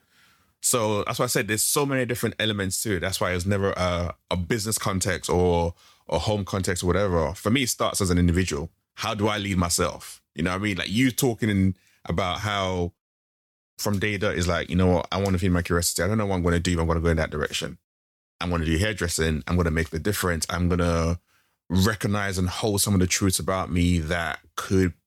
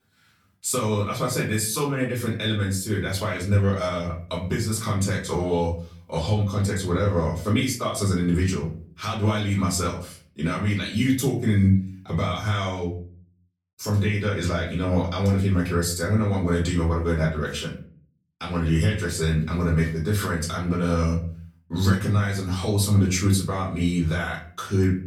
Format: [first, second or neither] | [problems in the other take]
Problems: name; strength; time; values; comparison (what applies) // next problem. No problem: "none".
first | off-mic speech; far // room echo; slight; dies away in 0.4 s